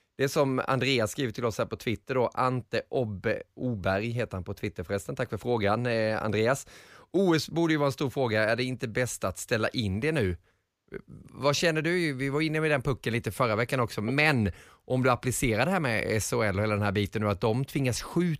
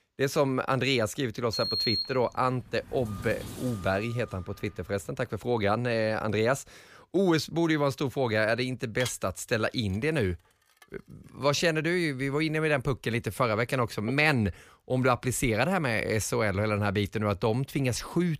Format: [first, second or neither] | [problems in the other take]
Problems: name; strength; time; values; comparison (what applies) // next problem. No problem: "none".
first | door banging; loud; from 1.5 to 4 s; peak 2 dB above the speech // clattering dishes; faint; from 9 to 11 s; peak 10 dB below the speech